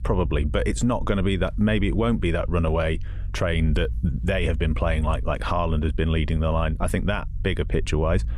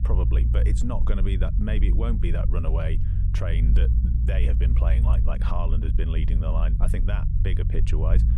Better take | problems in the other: first | low rumble; loud; throughout; 5 dB below the speech; faint in the first

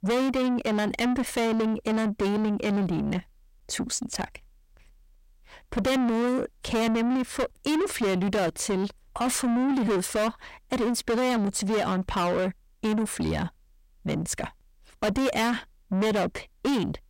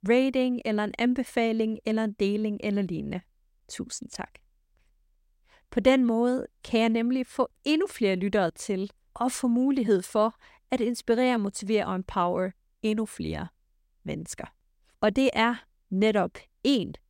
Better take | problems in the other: second | distortion; heavy; 5 dB below the speech

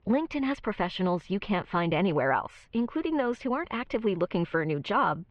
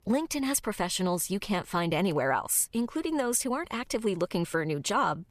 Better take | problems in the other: second | muffled; very; fading above 3 kHz

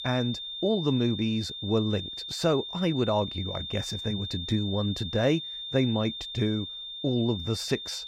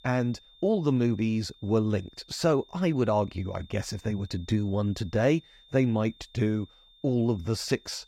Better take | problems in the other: second | high-pitched whine; loud; throughout; 3.5 kHz, 6 dB below the speech; faint in the second

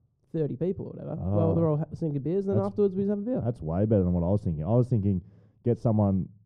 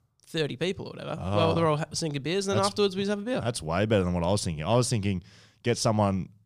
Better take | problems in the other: second | muffled; very; fading above 1 kHz

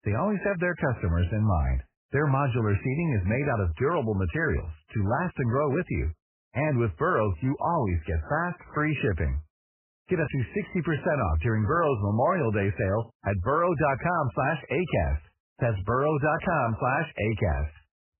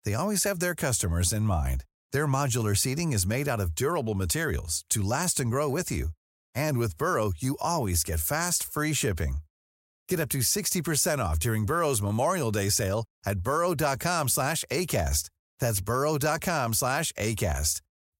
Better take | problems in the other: second | garbled, watery; badly; nothing above 3 kHz

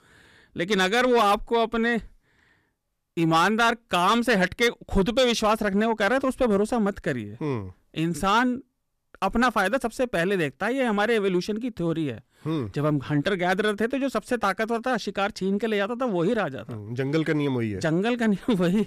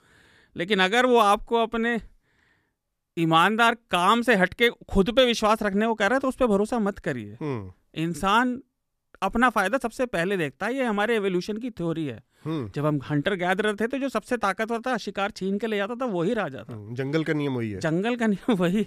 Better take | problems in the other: second | distortion; slight; 10 dB below the speech

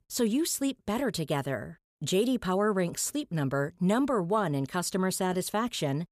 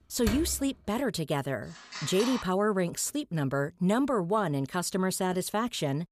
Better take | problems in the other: first | door banging; noticeable; at 0.5 s; peak 6 dB below the speech // phone ringing; noticeable; at 2 s; peak 7 dB below the speech

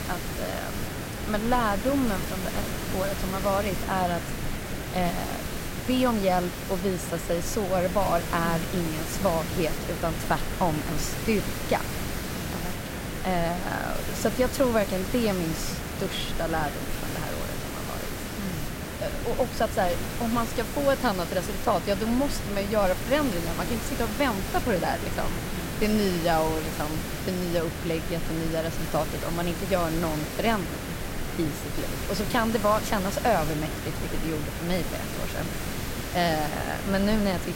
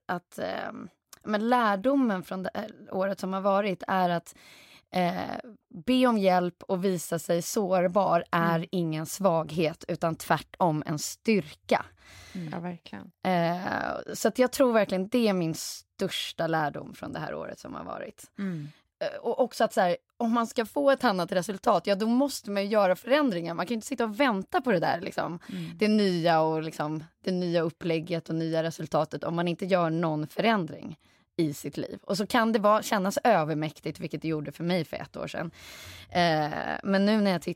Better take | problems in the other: second | hiss; loud; throughout; 4 dB below the speech

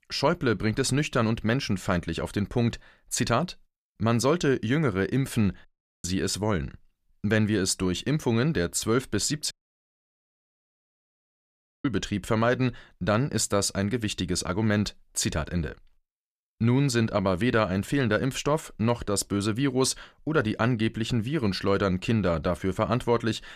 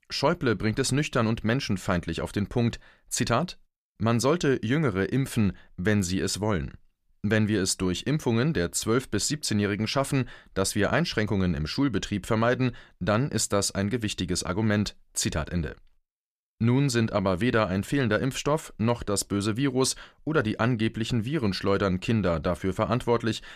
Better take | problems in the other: second | audio cutting out; at 5.5 s and at 9.5 s for 2.5 s

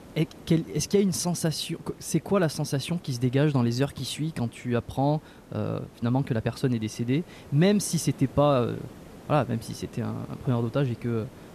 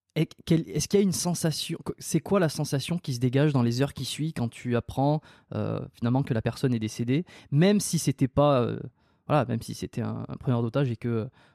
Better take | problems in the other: second | hiss; faint; throughout; 20 dB below the speech

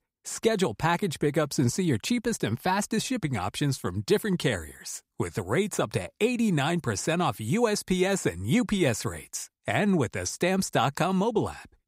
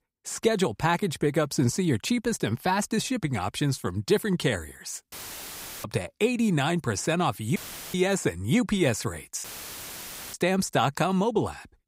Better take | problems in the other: first | audio cutting out; filled with static; at 5 s for 0.5 s, at 7.5 s and at 9.5 s for 1 s

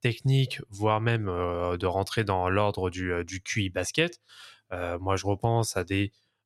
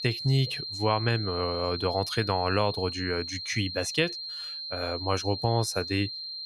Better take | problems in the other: first | high-pitched whine; loud; throughout; 4 kHz, 5 dB below the speech

